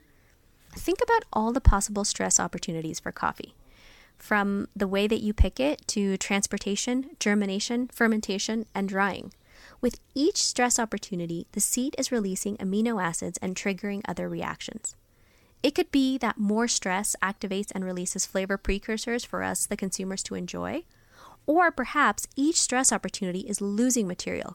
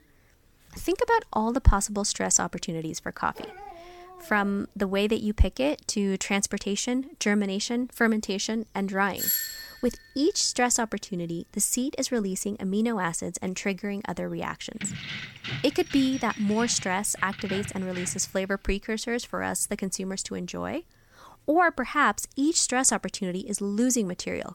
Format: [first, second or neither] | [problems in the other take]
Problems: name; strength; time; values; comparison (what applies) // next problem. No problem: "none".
first | dog barking; faint; from 3.5 to 4.5 s; peak 15 dB below the speech // doorbell; loud; at 9 s; peak 2 dB above the speech // jangling keys; noticeable; from 15 to 18 s; peak 8 dB below the speech